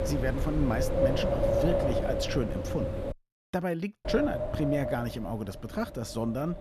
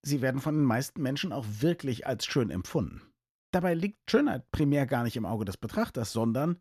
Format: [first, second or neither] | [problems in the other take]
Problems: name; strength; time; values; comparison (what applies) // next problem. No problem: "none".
second | wind noise on the microphone; heavy; until 3 s and from 4 s on; 3 dB above the speech